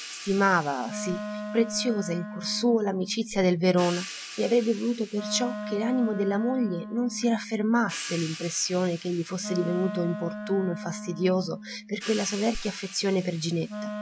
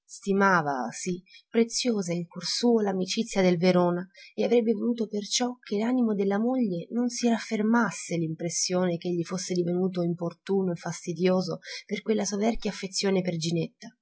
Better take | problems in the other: second | background sound (Wind instrument, woodwind instrument + Crash cymbal / Hi-hat); 10 dB below the speech

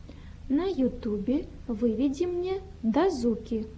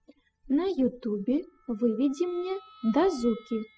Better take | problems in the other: first | noise reduction (classical method spectral subtraction)

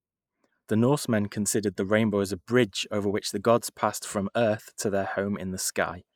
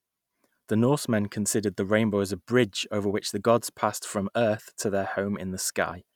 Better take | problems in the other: second | noise reduction (neural mask model Resemble Enhance denoiser)

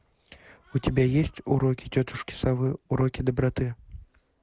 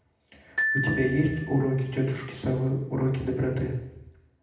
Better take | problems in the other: first | background sound (Glockenspiel); 7 dB below the speech // room echo; dies away in 0.8 s

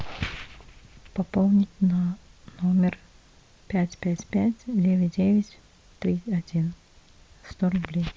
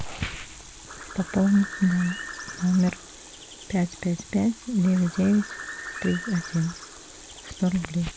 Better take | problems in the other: first | background sound (Bird + Water tap, faucet); 14 dB below the speech

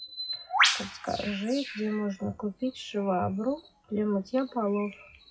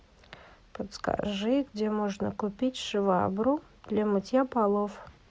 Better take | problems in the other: second | noise reduction (classical method WPE with log-MMSE)

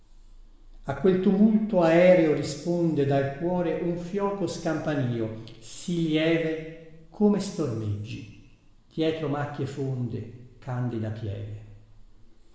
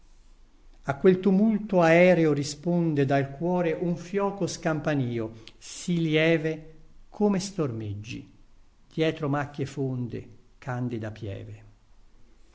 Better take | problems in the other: second | room echo; dies away in 1.3 s

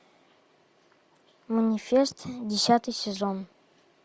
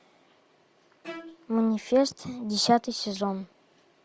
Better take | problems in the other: first | background sound (Bowed string instrument); 17 dB below the speech

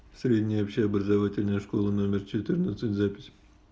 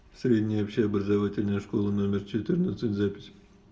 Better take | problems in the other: first | room echo; dies away in 0.8 s

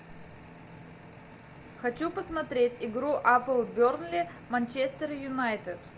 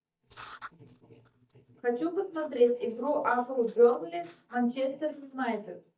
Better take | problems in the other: first | noise reduction (neural mask model DeepFilterNet 3)

